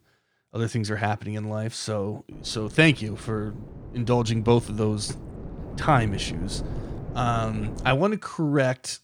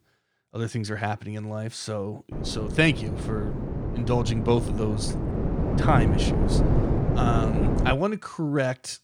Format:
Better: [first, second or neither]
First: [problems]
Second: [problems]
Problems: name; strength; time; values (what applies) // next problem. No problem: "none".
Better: first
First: wind noise on the microphone; occasional gusts; from 2.5 to 8 s; 20 dB below the speech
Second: wind noise on the microphone; heavy; from 2.5 to 8 s; 4 dB below the speech